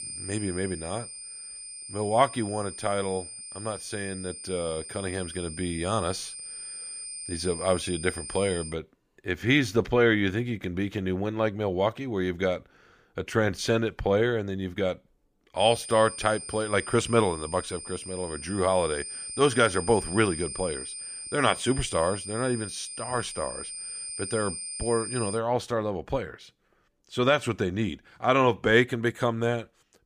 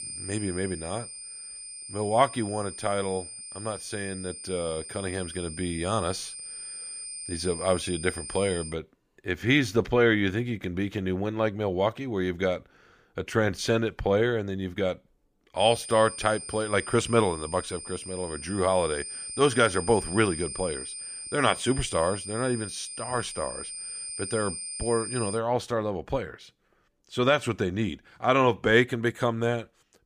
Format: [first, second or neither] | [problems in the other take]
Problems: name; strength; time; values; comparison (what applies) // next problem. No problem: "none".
neither | high-pitched whine; loud; until 8.5 s and from 16 to 25 s; 9 kHz, 9 dB below the speech; the same in both